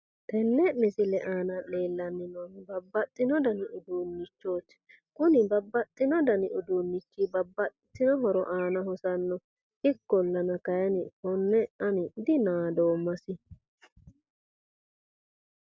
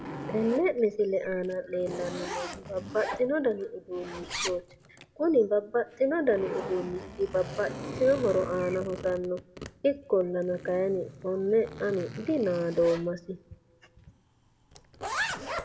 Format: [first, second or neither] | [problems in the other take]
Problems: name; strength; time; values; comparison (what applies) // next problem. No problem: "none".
first | background sound (Zipper (clothing)); 11 dB below the speech // room echo; dies away in 0.7 s